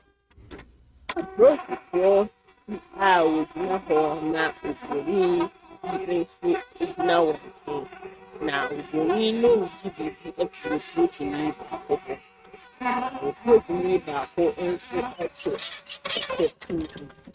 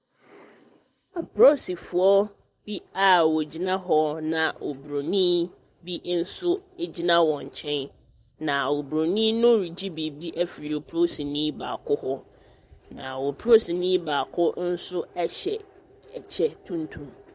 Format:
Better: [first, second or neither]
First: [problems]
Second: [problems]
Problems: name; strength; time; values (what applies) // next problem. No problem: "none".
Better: second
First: noise reduction (neural mask model RNNoise)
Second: none